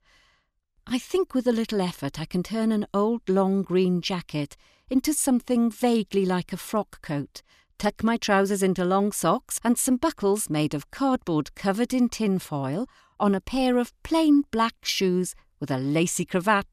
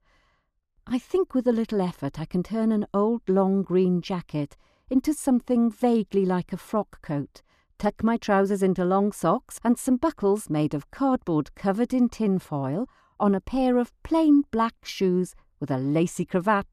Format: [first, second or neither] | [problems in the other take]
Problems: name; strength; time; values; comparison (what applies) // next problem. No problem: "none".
first | muffled; slightly; fading above 2 kHz